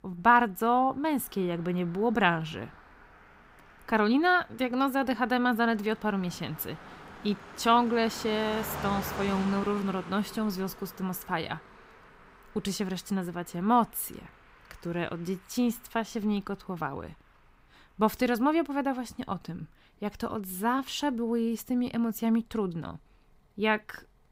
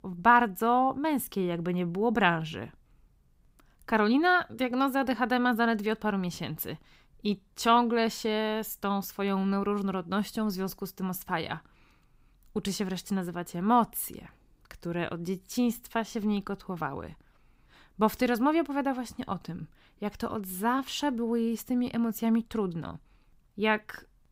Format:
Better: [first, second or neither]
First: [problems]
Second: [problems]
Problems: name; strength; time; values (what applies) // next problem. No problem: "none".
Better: second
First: traffic noise; noticeable; throughout; 15 dB below the speech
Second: none